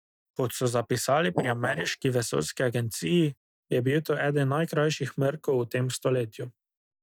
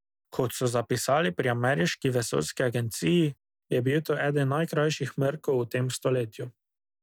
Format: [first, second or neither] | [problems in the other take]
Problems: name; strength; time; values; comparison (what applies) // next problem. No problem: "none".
second | noise reduction (neural mask model DeepFilterNet 3)